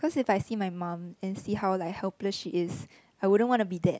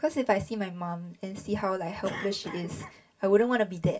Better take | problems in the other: first | background sound (Cough); 17 dB below the speech // room echo; dies away in 0.1 s

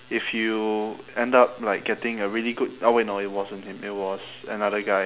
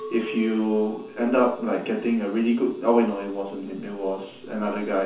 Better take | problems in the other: first | background sound (Chink, clink); 15 dB below the speech // room echo; dies away in 0.9 s

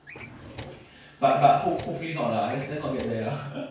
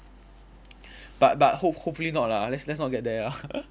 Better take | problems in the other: second | background sound (Drawer open or close); 17 dB below the speech // room echo; dies away in 0.5 s

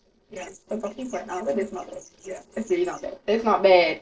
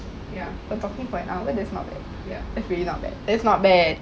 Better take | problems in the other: second | noise reduction (neural separator model SepFormer DNS4)

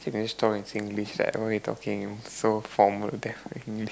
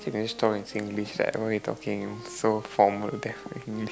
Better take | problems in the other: first | background sound (Wind instrument, woodwind instrument); 17 dB below the speech

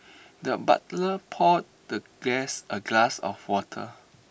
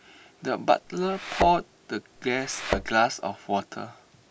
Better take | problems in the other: first | background sound (Thump, thud); 5 dB below the speech

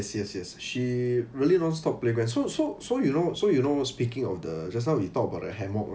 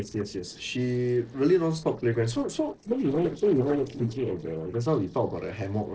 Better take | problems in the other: first | noise reduction (neural separator model SepFormer DNS4)

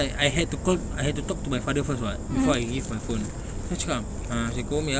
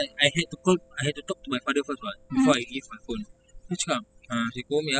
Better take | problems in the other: first | noise reduction (classical method spectral subtraction)

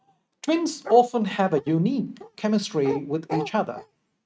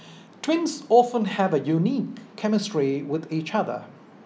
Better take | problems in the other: second | noise reduction (neural mask model RNNoise)

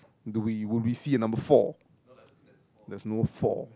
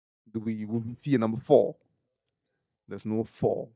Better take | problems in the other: first | noise reduction (neural mask model DeepFilterNet 3)

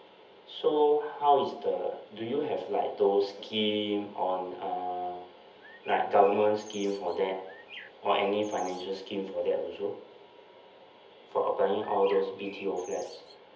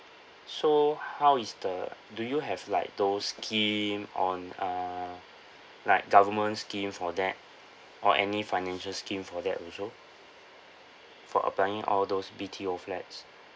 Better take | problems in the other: second | background sound (Bird); 19 dB below the speech // room echo; dies away in 0.7 s

